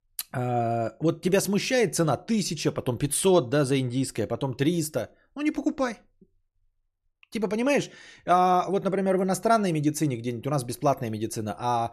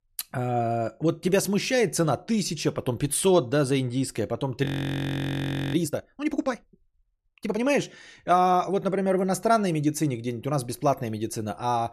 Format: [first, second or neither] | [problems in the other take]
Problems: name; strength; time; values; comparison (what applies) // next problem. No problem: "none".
first | audio freezing; at 4.5 s for 1 s